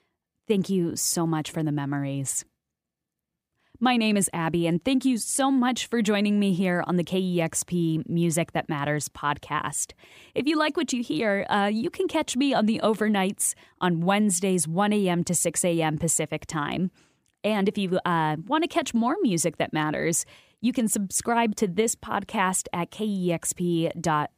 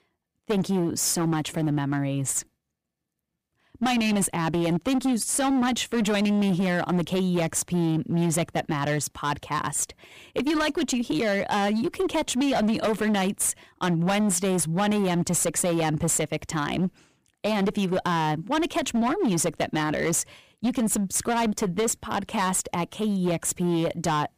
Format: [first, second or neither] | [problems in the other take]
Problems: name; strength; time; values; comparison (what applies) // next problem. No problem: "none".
first | distortion; slight; 18% of the sound clipped